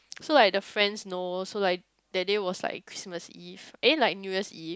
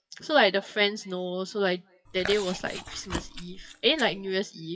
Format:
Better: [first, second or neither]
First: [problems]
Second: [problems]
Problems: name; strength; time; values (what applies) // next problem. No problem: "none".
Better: first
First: none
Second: noise reduction (classical method WPE with log-MMSE)